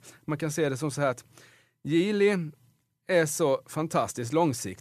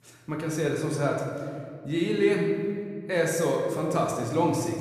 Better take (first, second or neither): first